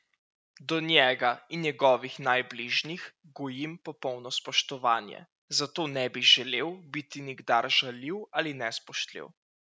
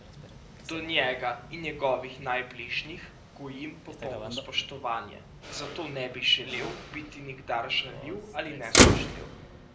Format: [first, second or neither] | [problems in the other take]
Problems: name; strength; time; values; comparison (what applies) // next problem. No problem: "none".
first | background sound (Motor vehicle (road)); 2 dB above the speech // room echo; dies away in 0.5 s